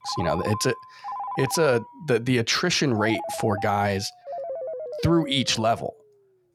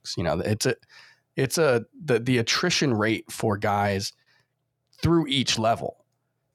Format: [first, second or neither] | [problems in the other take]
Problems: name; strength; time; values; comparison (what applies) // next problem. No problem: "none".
second | phone ringing; noticeable; until 5.5 s; peak 8 dB below the speech